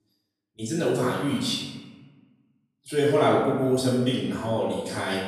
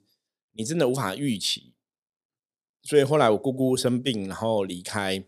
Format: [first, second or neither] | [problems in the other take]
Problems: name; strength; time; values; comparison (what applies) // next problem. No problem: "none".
second | room echo; noticeable; dies away in 1.1 s // off-mic speech; far